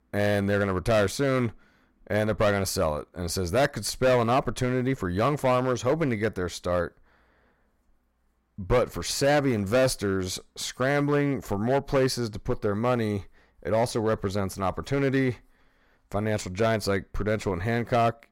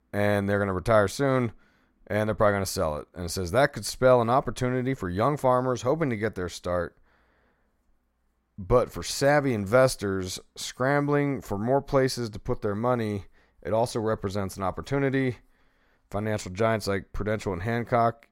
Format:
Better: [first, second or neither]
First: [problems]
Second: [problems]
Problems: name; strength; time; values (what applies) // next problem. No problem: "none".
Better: second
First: distortion; slight; 5% of the sound clipped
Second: none